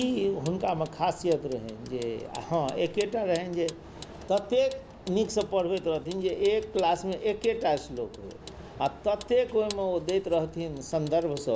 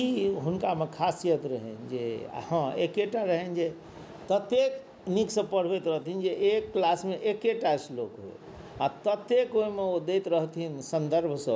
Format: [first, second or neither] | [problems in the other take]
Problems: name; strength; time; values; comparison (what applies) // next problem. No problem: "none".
second | background sound (Vehicle); 19 dB below the speech